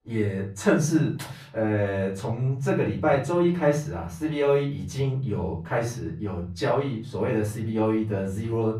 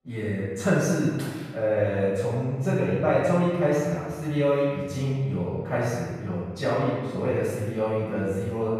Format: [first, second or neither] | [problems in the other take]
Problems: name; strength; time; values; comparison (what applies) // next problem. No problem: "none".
first | room echo; strong; dies away in 1.3 s; slight in the first // off-mic speech; far; far in the first